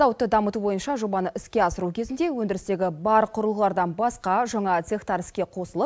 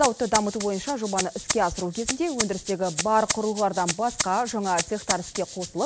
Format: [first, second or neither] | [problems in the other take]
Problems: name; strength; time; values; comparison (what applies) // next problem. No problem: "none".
first | background sound (Rattle (instrument)); 6 dB below the speech